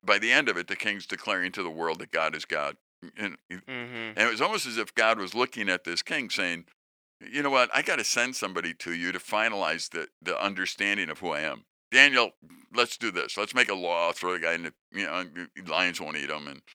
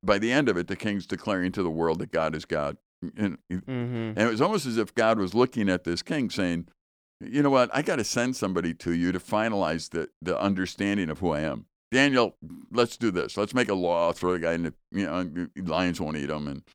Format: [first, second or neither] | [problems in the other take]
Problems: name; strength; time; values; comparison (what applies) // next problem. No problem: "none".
second | thin; somewhat; fading below 1 kHz